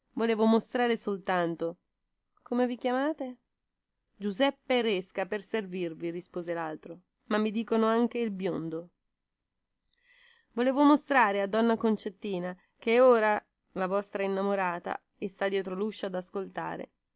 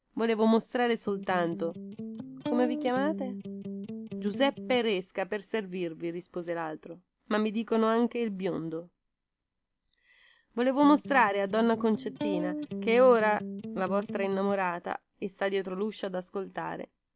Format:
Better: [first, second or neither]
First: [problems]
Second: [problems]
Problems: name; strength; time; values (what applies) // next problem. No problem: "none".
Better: first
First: none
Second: background sound (Electric guitar); 7 dB below the speech